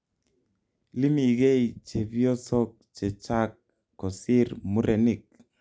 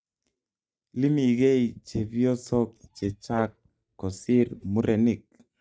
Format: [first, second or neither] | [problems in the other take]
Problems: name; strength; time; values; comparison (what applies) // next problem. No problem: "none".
first | noise reduction (neural mask model DeepFilterNet 3)